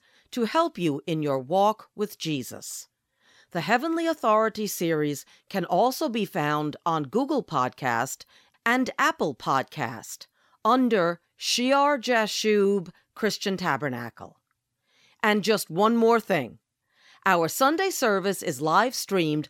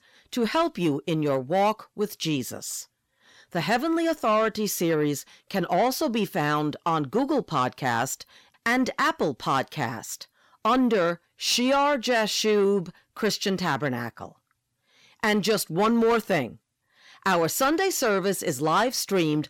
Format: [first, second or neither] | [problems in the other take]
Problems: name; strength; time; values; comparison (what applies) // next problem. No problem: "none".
first | distortion; slight; 10 dB below the speech